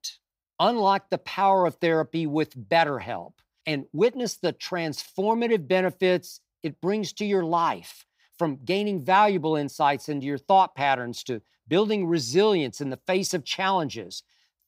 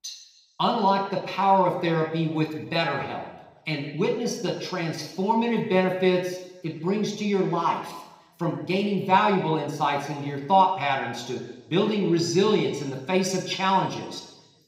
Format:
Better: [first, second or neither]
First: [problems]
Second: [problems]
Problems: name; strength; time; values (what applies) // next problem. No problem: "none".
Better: first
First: none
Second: room echo; slight; dies away in 1 s // off-mic speech; somewhat distant